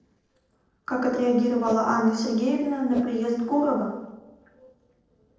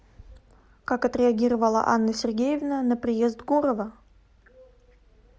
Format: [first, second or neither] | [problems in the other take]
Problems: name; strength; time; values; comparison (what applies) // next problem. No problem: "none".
second | noise reduction (neural separator model SepFormer DNS4)